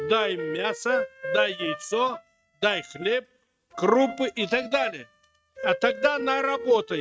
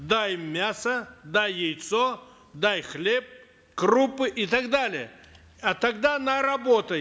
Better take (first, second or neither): second